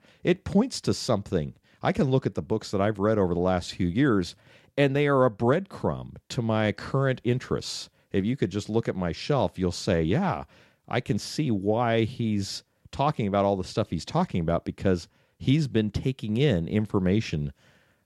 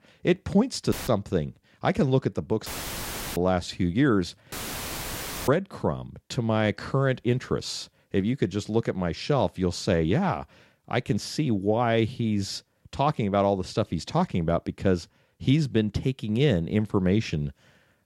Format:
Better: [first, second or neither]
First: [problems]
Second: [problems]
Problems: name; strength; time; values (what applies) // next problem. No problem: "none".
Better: first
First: none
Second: audio cutting out; filled with static; at 1 s, at 2.5 s for 0.5 s and at 4.5 s for 1 s